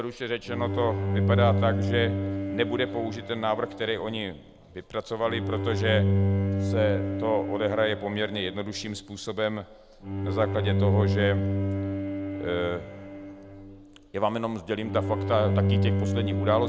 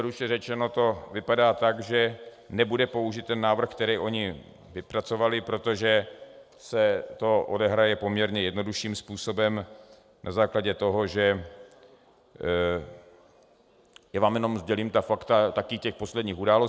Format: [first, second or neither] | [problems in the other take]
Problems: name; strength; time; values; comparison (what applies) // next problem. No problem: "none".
second | background sound (Bowed string instrument); 1 dB above the speech